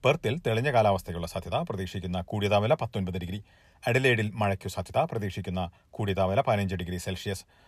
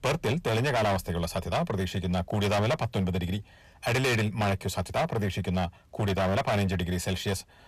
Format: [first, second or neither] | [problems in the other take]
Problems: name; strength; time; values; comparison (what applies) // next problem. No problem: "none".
first | distortion; heavy; 19% of the sound clipped